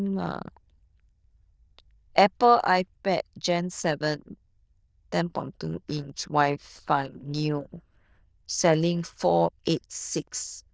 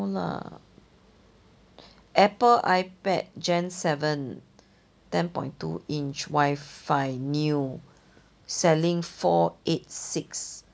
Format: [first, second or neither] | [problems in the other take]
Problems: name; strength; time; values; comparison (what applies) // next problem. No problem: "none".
second | noise reduction (neural diffusion model UNIVERSE++)